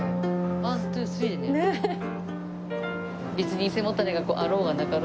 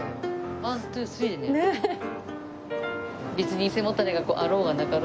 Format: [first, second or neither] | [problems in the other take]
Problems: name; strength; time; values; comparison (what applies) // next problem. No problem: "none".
second | background sound (Wind instrument, woodwind instrument); 4 dB below the speech